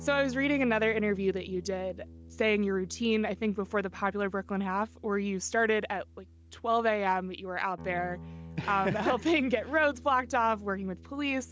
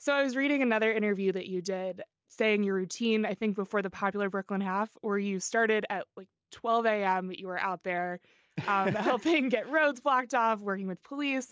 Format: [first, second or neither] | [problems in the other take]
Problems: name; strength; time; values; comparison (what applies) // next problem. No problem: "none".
second | background sound (Guitar); 18 dB below the speech